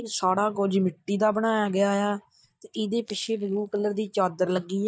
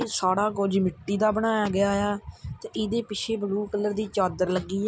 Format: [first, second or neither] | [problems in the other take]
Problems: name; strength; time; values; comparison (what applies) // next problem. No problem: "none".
second | noise reduction (neural mask model DeepFilterNet 3)